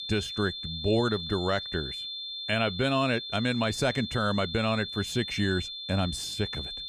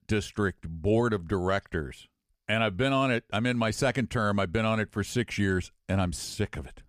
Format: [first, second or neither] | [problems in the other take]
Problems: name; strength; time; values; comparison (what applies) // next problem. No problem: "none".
second | high-pitched whine; loud; throughout; 3.5 kHz, 6 dB below the speech